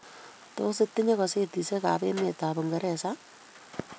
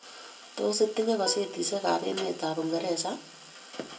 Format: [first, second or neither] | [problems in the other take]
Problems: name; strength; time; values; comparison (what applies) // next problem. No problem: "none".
first | background sound (Plucked string instrument); 14 dB below the speech // room echo; dies away in 0.2 s